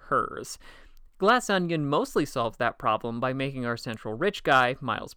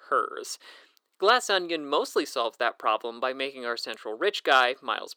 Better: first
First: none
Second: thin; somewhat; fading below 350 Hz

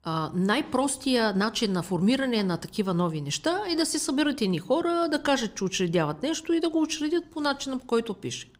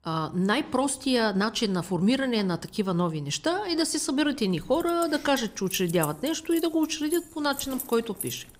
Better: first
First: none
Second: jangling keys; noticeable; from 4.5 s on; peak 7 dB below the speech

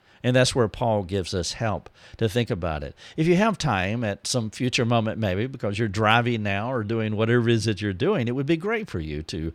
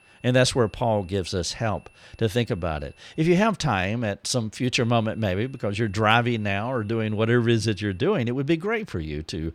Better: first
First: none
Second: high-pitched whine; faint; until 3.5 s and from 5 to 8 s; 2.5 kHz, 30 dB below the speech

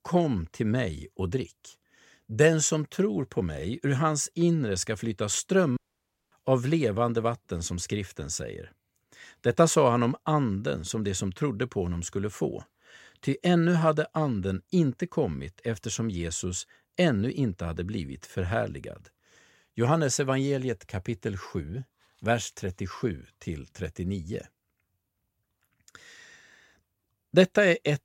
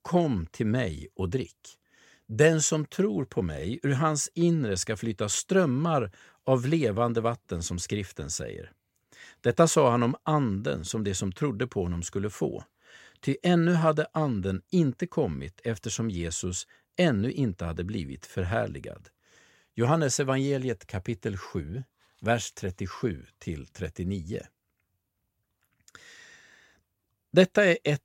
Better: second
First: audio cutting out; at 6 s for 0.5 s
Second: none

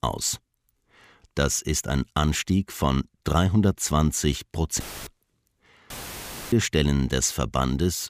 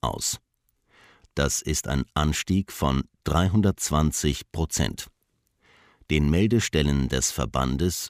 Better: second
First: audio cutting out; filled with static; at 5 s and at 6 s for 0.5 s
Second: none

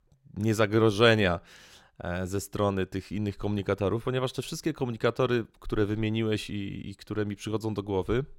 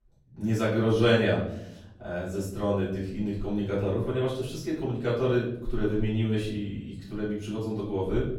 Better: first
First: none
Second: off-mic speech; far // room echo; noticeable; dies away in 0.7 s

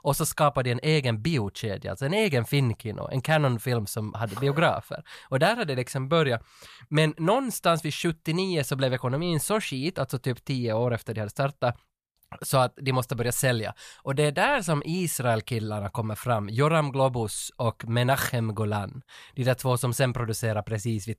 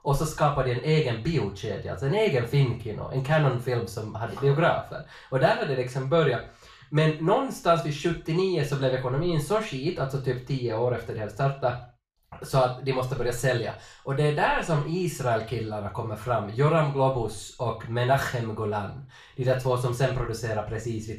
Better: first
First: none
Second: room echo; slight; dies away in 0.4 s // off-mic speech; far

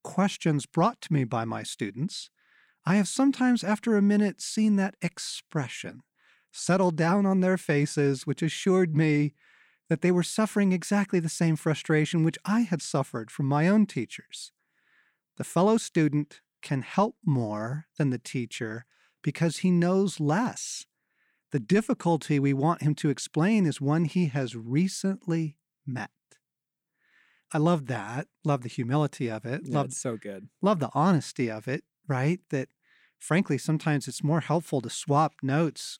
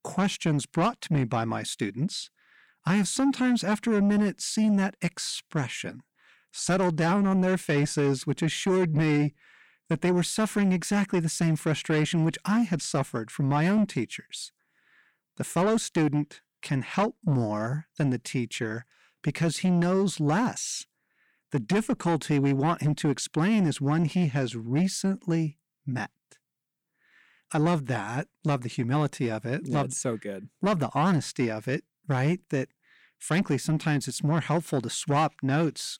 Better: first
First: none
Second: distortion; slight; 10 dB below the speech

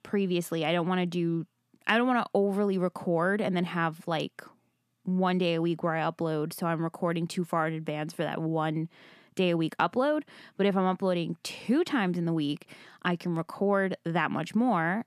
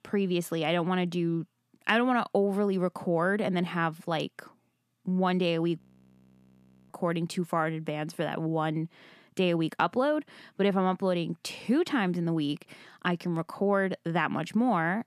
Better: first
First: none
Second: audio freezing; at 6 s for 1 s

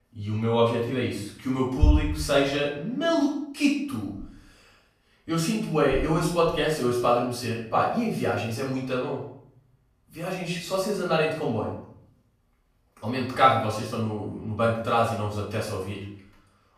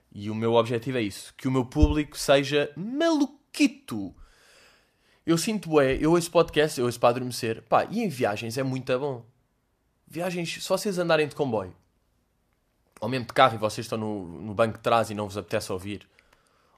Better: second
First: off-mic speech; far // room echo; noticeable; dies away in 0.6 s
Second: none

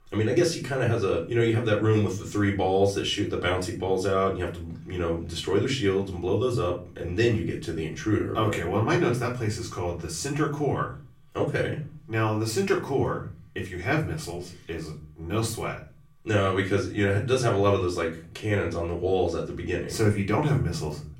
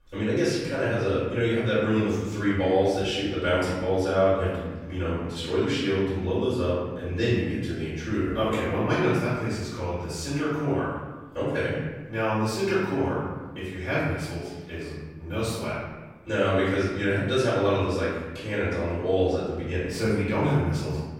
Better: first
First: room echo; slight; dies away in 0.4 s // off-mic speech; far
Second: room echo; strong; dies away in 1.3 s // off-mic speech; far

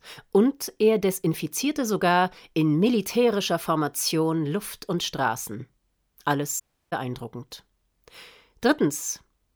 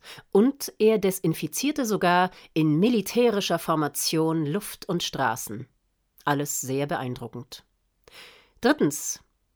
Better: second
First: audio cutting out; at 6.5 s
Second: none

